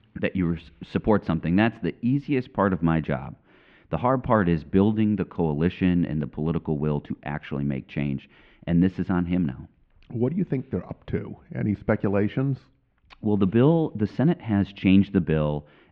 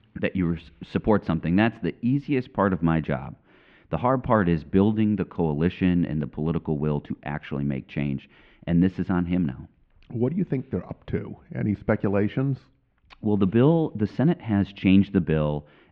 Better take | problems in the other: neither | muffled; very; fading above 2.5 kHz; the same in both

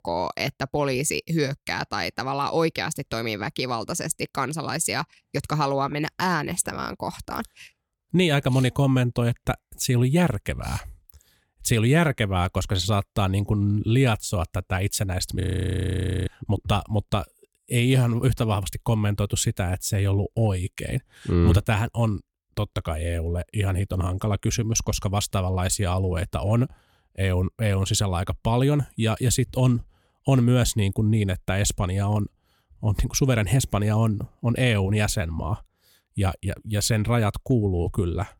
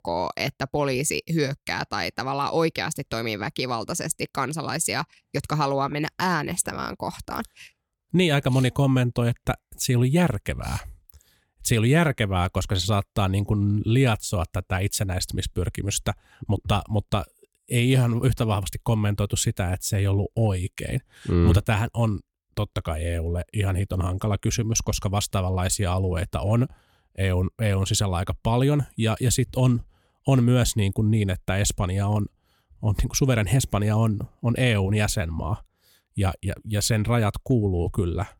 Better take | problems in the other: second | audio freezing; at 15 s for 1 s

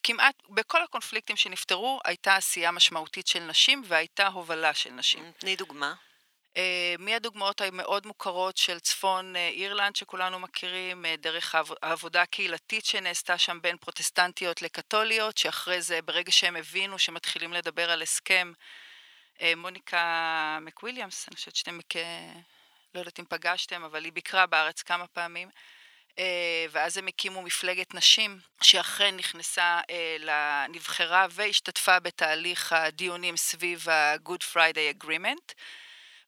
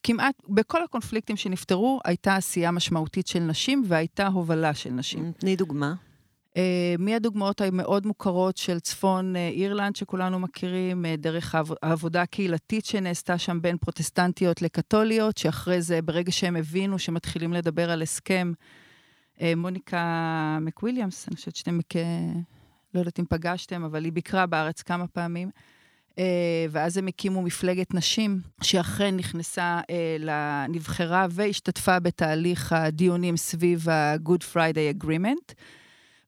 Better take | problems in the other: second | thin; very; fading below 800 Hz

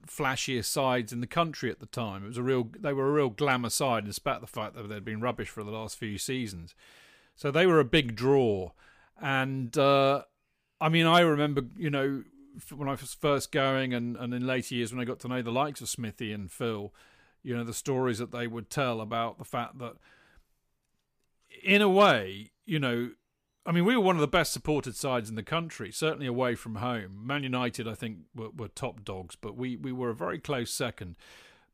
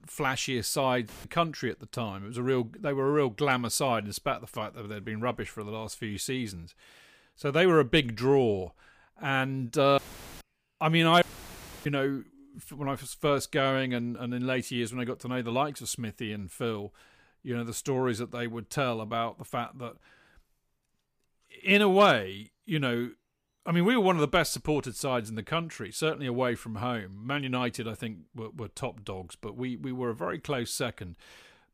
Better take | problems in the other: first | audio cutting out; filled with static; at 1 s, at 10 s and at 11 s for 0.5 s

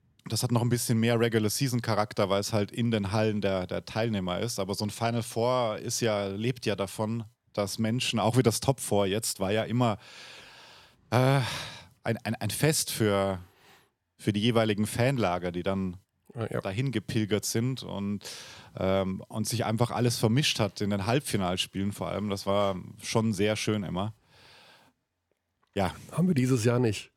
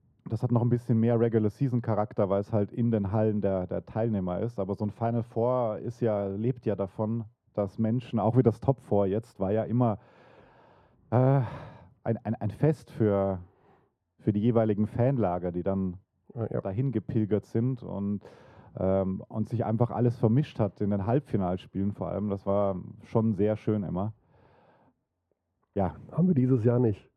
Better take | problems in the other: first | muffled; very; fading above 2 kHz

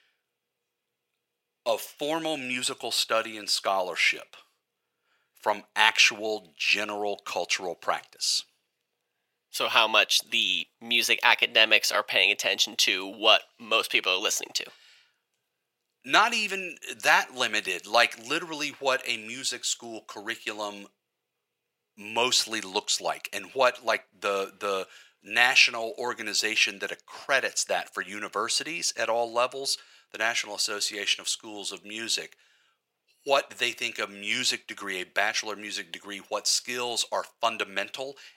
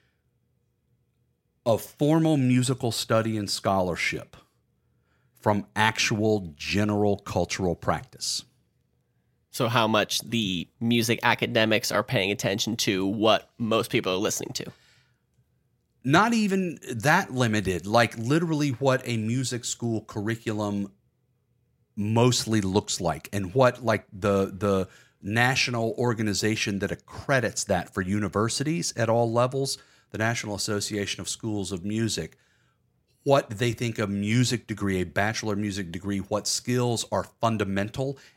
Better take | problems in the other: second | thin; very; fading below 600 Hz

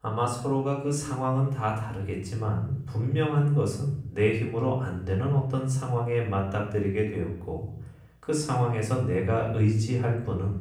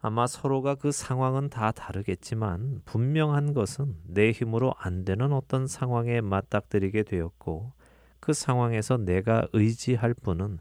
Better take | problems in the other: second | off-mic speech; far // room echo; noticeable; dies away in 0.6 s

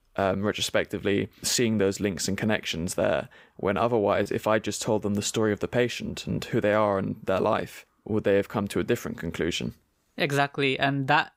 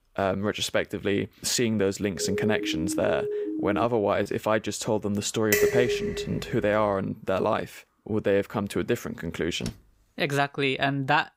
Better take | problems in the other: first | siren; noticeable; from 2 to 4 s; peak 3 dB below the speech // clattering dishes; loud; at 5.5 s; peak 4 dB above the speech // door banging; faint; at 9.5 s; peak 15 dB below the speech

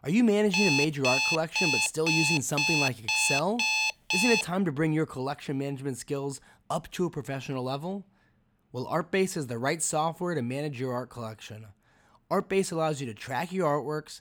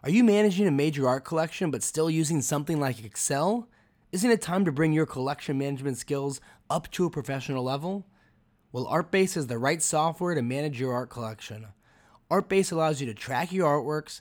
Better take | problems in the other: second | alarm; loud; from 0.5 to 4.5 s; peak 6 dB above the speech

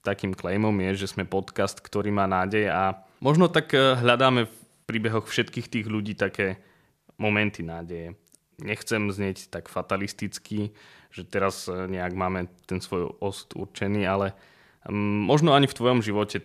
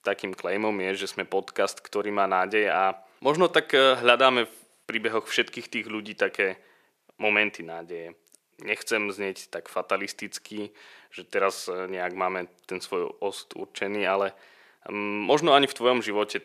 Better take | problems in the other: first | thin; somewhat; fading below 400 Hz

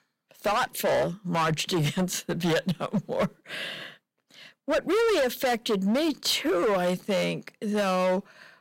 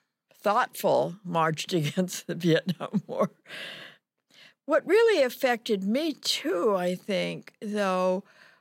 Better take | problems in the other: second | distortion; heavy; 16% of the sound clipped

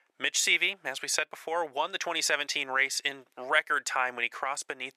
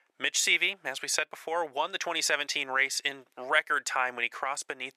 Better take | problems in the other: neither | thin; very; fading below 800 Hz; the same in both

